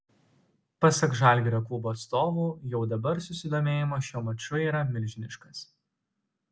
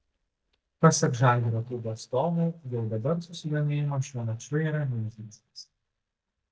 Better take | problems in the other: first | noise reduction (neural mask model DeepFilterNet 3)

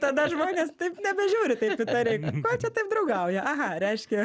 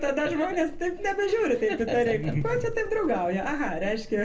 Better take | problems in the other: first | background sound (Livestock, farm animals, working animals); 12 dB below the speech // room echo; dies away in 0.3 s

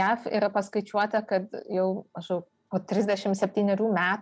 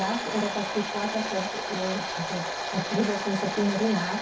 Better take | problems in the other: first | background sound (Domestic sounds, home sounds); 3 dB below the speech // room echo; dies away in 0.3 s

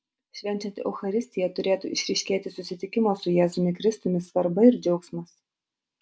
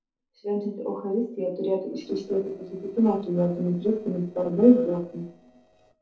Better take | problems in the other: first | noise reduction (neural separator model SepFormer DNS4)

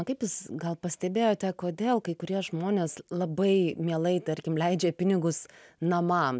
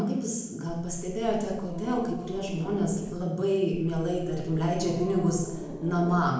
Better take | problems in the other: first | noise reduction (neural separator model SepFormer DNS4)

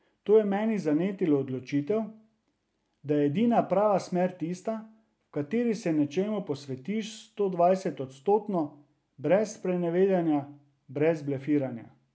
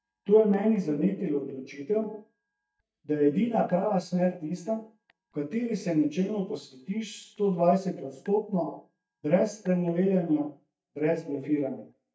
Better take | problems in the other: first | noise reduction (neural mask model DeepFilterNet 3)

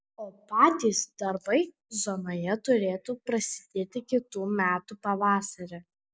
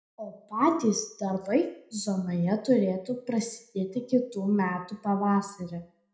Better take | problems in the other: first | room echo; dies away in 0.4 s

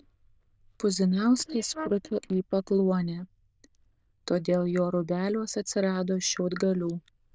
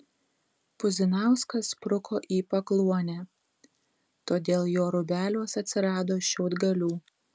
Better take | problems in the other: second | noise reduction (neural diffusion model UNIVERSE++)

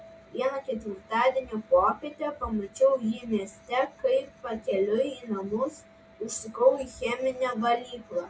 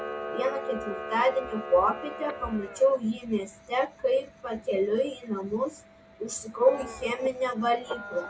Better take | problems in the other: first | background sound (Camera); 12 dB below the speech

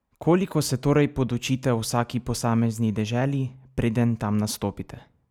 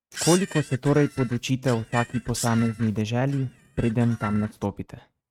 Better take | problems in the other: first | noise reduction (neural mask model RNNoise)

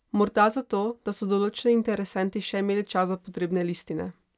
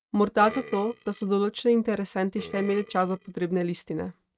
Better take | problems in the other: first | noise reduction (neural mask model RNNoise)

